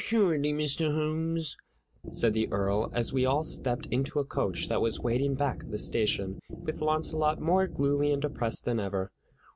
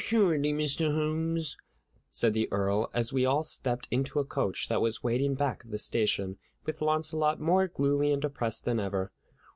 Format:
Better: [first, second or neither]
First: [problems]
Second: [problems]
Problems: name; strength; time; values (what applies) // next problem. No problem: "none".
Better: second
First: background sound (Wind instrument, woodwind instrument); 10 dB below the speech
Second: none